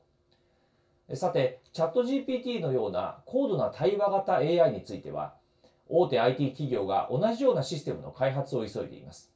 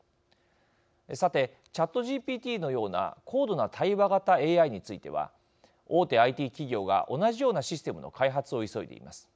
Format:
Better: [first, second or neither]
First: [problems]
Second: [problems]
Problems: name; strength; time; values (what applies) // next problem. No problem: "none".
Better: second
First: room echo; dies away in 0.2 s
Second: none